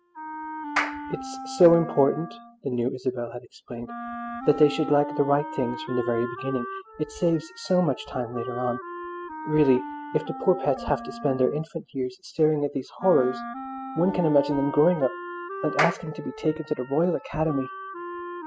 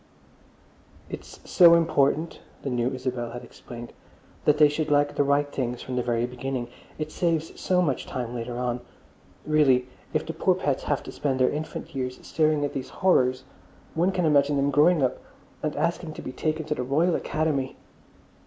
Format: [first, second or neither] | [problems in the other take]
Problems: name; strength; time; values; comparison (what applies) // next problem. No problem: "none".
second | noise reduction (classical method spectral subtraction)